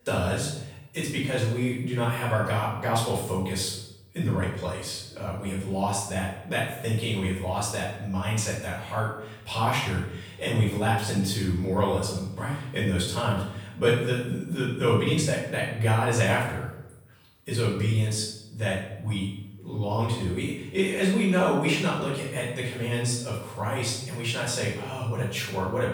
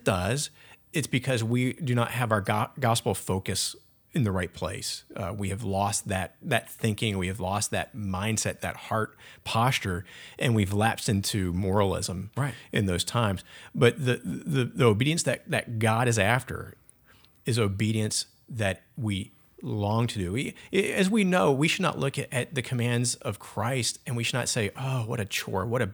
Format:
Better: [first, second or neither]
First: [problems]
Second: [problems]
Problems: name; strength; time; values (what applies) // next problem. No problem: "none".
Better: second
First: room echo; noticeable; dies away in 0.7 s // off-mic speech; far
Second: none